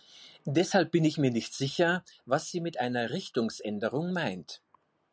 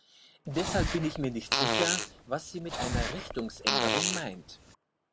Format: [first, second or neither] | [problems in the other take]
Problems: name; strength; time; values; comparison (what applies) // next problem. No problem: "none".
first | background sound (Fart); 3 dB above the speech